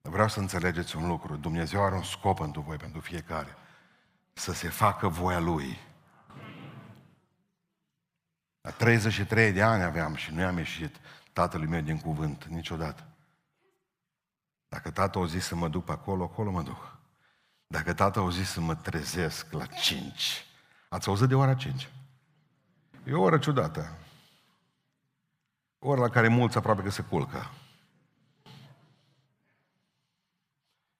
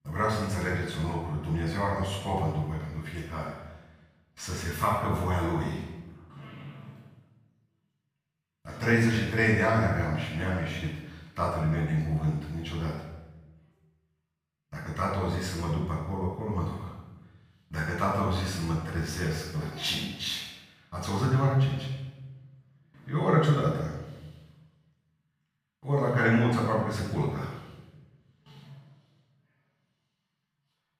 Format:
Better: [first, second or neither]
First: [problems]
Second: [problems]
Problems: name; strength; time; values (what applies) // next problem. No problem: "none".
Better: first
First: none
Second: room echo; noticeable; dies away in 0.9 s // off-mic speech; far